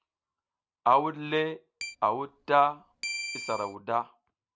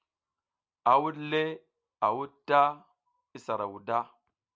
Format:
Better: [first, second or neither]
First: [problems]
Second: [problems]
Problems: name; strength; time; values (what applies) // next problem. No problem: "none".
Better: second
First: background sound (Keyboard (musical)); 10 dB below the speech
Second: none